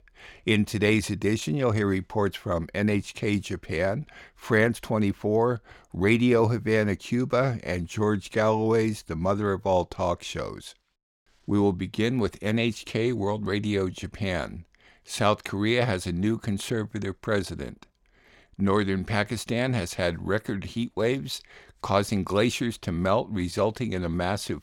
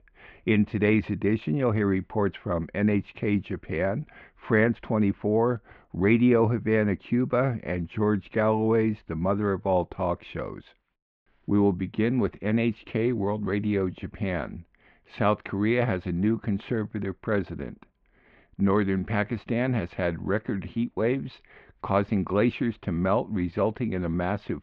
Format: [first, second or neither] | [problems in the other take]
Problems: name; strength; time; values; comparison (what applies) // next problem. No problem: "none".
first | muffled; very; fading above 2.5 kHz